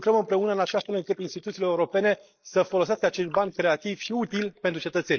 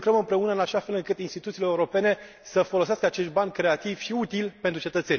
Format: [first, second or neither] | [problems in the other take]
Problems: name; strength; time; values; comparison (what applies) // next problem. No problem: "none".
second | noise reduction (neural mask model Resemble Enhance denoiser)